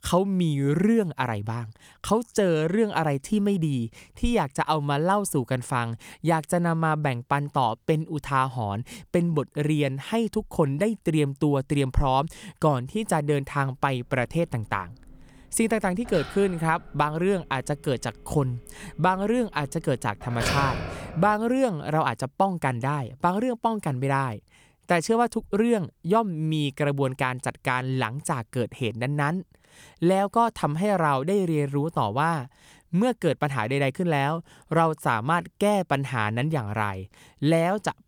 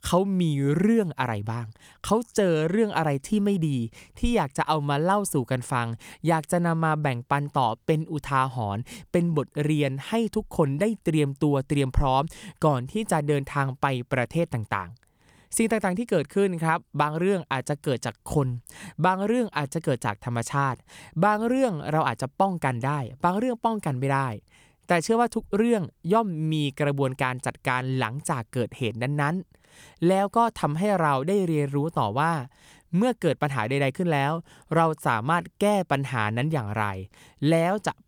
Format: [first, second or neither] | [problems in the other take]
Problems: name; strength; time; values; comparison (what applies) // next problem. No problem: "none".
second | phone ringing; noticeable; from 14 to 21 s; peak 1 dB below the speech